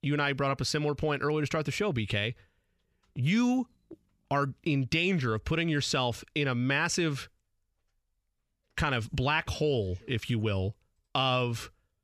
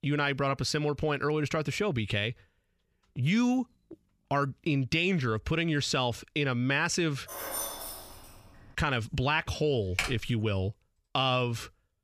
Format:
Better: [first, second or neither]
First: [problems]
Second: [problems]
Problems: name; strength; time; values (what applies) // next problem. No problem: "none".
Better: first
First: none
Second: jangling keys; noticeable; from 7.5 to 8.5 s; peak 4 dB below the speech // keyboard typing; noticeable; at 10 s; peak 3 dB below the speech